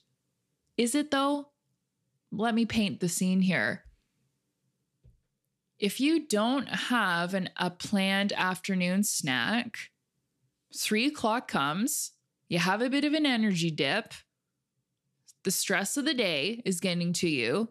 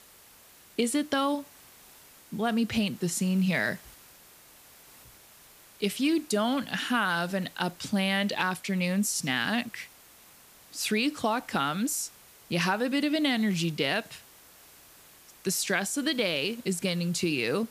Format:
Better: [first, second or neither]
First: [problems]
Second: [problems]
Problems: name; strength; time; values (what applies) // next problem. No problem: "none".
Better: first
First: none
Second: hiss; faint; throughout; 25 dB below the speech